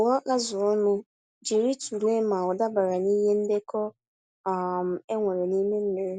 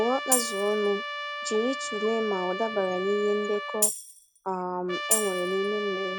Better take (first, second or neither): first